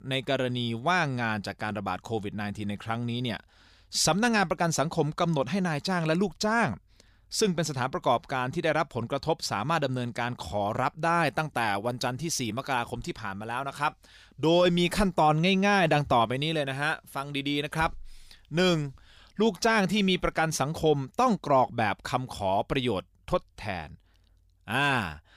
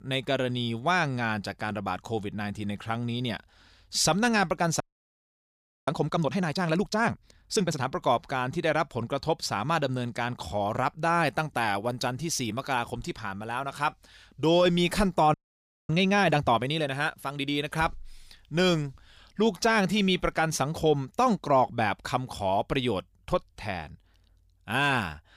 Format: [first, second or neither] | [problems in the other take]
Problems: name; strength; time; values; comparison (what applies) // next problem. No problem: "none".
first | audio freezing; at 5 s for 1 s and at 15 s for 0.5 s